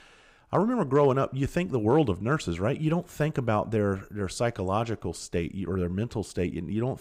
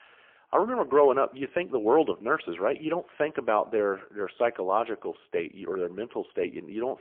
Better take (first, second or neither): first